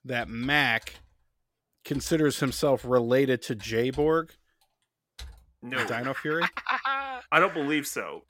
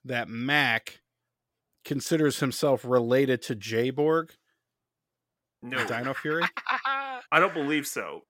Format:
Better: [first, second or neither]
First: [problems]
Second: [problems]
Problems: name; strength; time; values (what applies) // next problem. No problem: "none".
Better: second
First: household noises; faint; throughout; 25 dB below the speech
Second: none